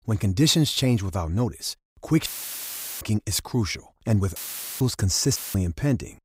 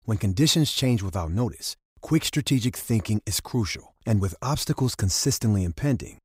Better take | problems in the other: second | audio cutting out; filled with static; at 2.5 s for 1 s, at 4.5 s and at 5.5 s

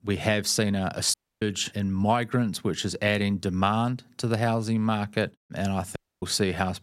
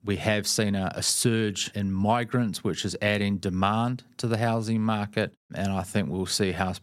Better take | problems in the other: second | audio cutting out; at 1 s and at 6 s

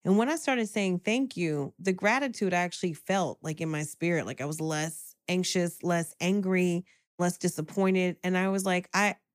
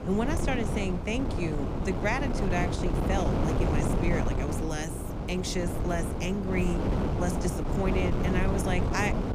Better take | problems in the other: first | wind noise on the microphone; heavy; 1 dB below the speech

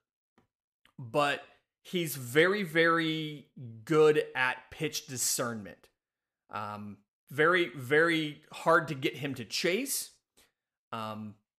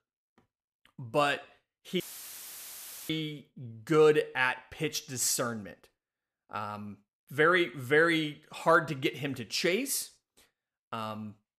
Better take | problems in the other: first | audio cutting out; filled with static; at 2 s for 1 s

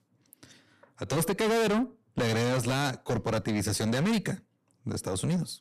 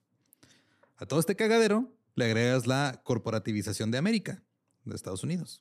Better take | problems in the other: second | distortion; heavy; 19% of the sound clipped

